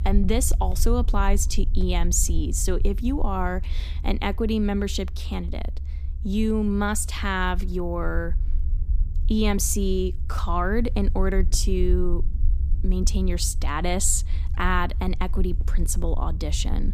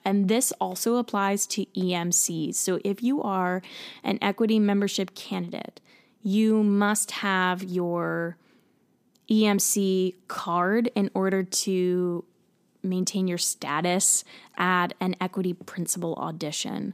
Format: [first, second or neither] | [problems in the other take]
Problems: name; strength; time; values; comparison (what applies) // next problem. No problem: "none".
second | low rumble; faint; throughout; 20 dB below the speech